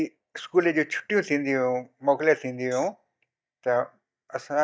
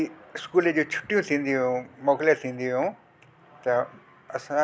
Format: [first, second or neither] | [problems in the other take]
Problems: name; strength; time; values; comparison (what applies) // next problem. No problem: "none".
second | noise reduction (neural mask model DeepFilterNet 3)